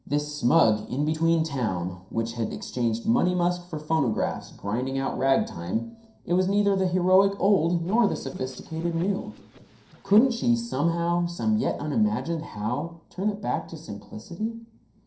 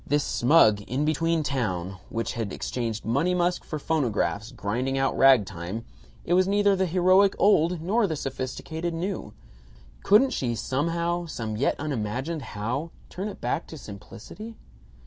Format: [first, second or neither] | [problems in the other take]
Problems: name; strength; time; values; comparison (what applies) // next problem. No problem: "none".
second | noise reduction (neural separator model SepFormer DNS4)